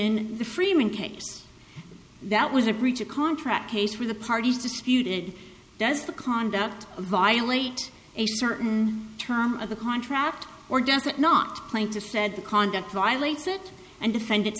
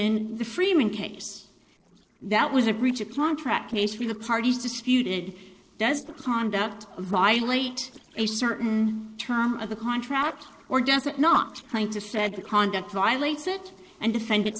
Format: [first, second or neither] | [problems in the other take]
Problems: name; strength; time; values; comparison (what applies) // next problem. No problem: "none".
first | noise reduction (neural separator model SepFormer DNS4)